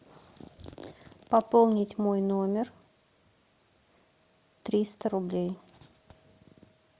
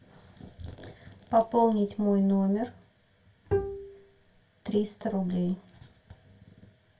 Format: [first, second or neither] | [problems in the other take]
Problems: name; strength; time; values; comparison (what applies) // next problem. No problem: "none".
first | background sound (Bowed string instrument); 3 dB below the speech // room echo; dies away in 0.2 s